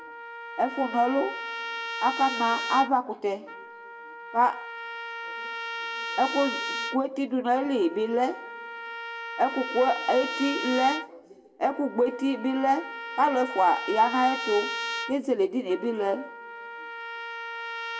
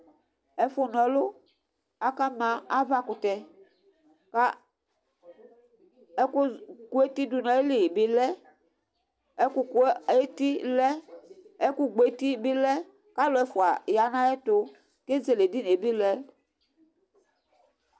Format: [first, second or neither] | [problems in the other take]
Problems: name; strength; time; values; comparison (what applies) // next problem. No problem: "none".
second | background sound (Trumpet); 8 dB below the speech // room echo; dies away in 0.6 s